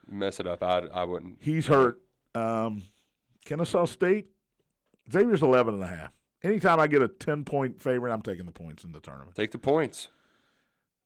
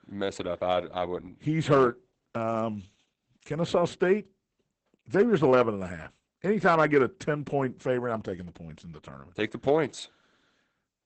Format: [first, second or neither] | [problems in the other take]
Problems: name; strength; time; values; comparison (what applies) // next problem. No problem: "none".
first | garbled, watery; badly; nothing above 8 kHz; slightly in the first